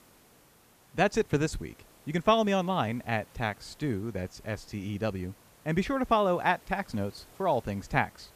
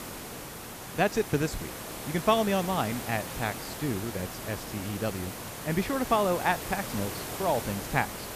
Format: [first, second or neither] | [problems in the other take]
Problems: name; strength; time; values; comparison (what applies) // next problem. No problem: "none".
first | hiss; loud; throughout; 7 dB below the speech; faint in the first